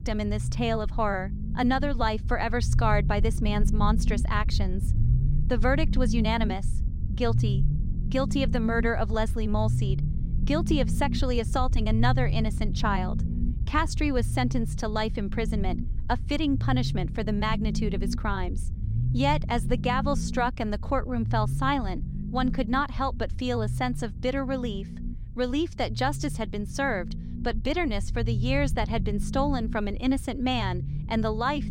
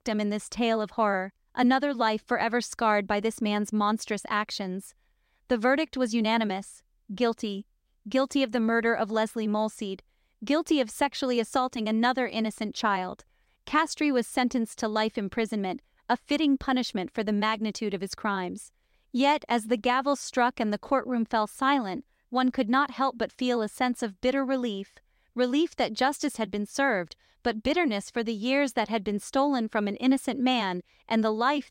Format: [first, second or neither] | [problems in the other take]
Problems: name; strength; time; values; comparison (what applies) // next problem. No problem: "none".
second | low rumble; noticeable; throughout; 15 dB below the speech